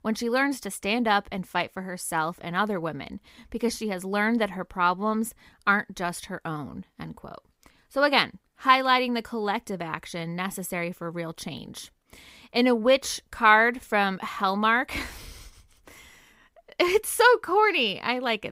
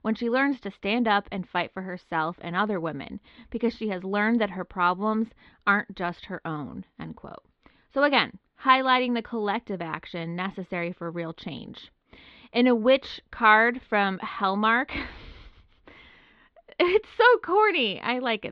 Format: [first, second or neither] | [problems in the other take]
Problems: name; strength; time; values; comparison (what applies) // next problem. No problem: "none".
first | muffled; slightly; fading above 4 kHz